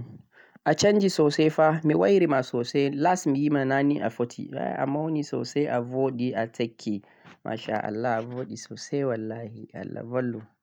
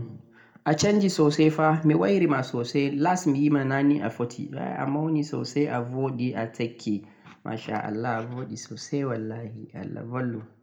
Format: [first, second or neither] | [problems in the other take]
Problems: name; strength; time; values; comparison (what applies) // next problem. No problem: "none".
first | room echo; dies away in 0.4 s